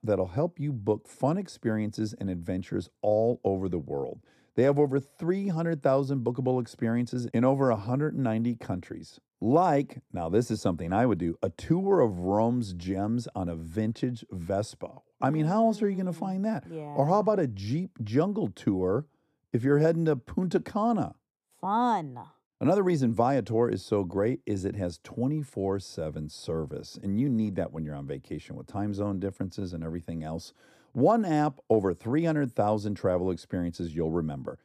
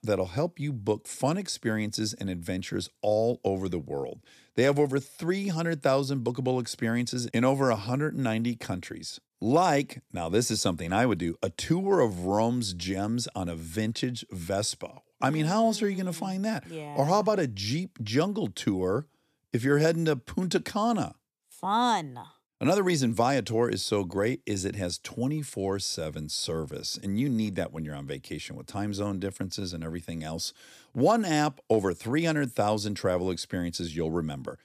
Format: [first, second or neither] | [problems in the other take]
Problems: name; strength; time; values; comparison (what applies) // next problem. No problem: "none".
second | muffled; slightly; fading above 1.5 kHz